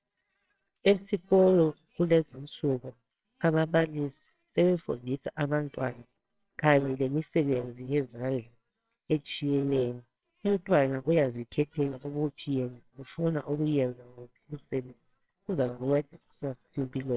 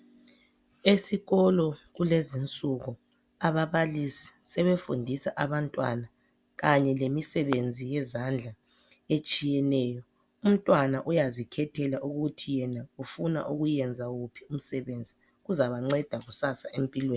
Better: second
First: noise reduction (neural separator model SepFormer WHAMR!)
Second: none

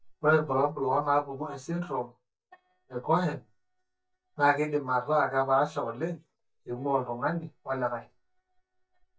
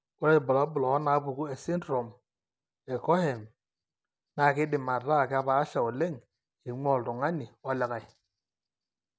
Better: second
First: noise reduction (neural mask model DeepFilterNet 3)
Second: none

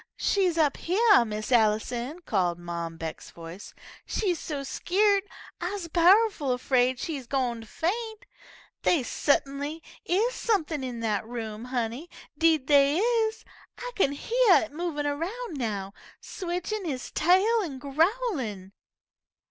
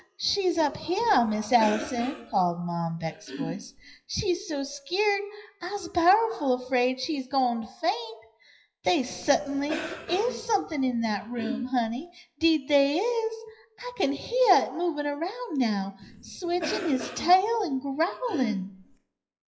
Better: first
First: none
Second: noise reduction (classical method WPE with log-MMSE)

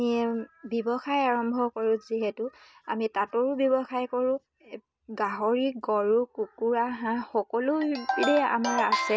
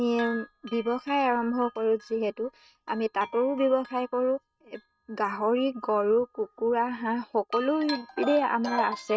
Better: first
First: none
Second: noise reduction (neural mask model RNNoise)

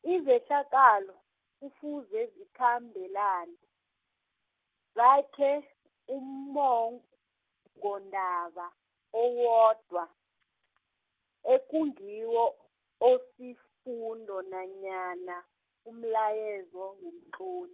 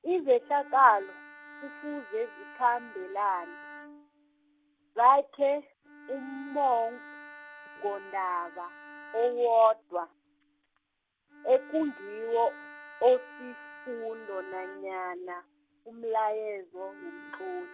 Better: first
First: none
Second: background sound (Bowed string instrument); 19 dB below the speech

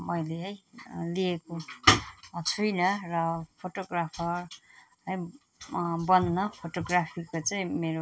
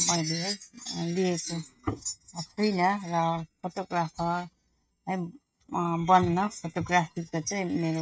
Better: first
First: none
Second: noise reduction (neural mask model RNNoise)

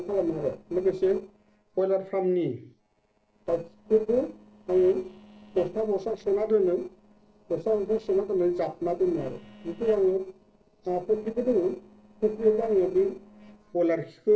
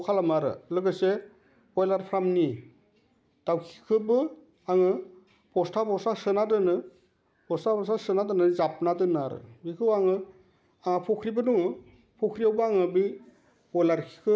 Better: second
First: noise reduction (neural separator model SepFormer DNS4)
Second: none

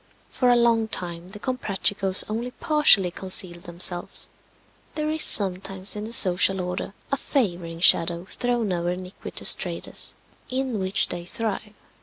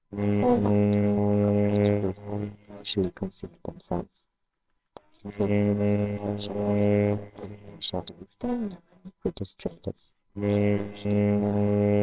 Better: first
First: none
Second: noise reduction (neural separator model SepFormer WHAMR!)

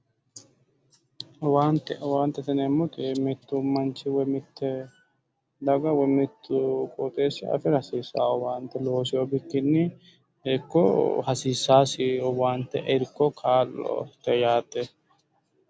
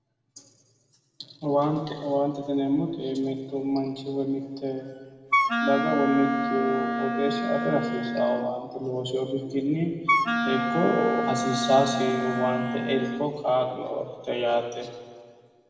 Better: first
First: none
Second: background sound (Wind instrument, woodwind instrument); as loud as the speech // room echo; dies away in 1.7 s

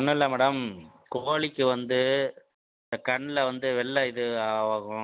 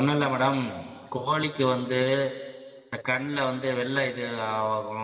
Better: first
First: none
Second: room echo; dies away in 2.3 s

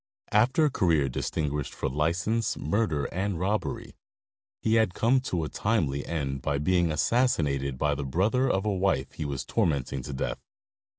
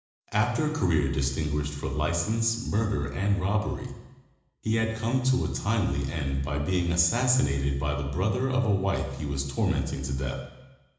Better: first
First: none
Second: room echo; dies away in 1 s

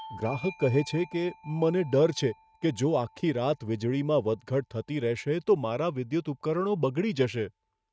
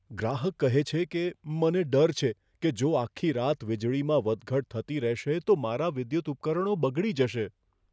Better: second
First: noise reduction (neural mask model RNNoise)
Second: none

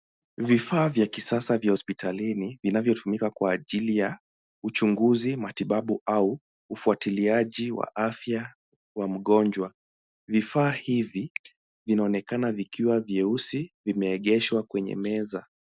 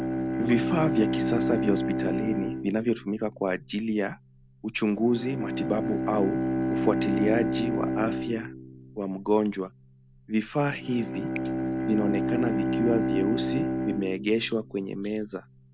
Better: first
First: none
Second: background sound (Bowed string instrument); 1 dB below the speech

